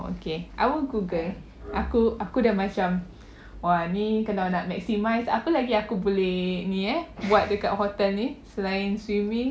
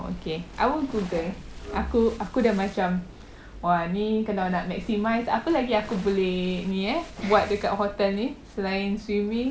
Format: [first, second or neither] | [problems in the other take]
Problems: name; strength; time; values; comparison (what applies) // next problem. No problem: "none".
first | background sound (Waves, surf); 19 dB below the speech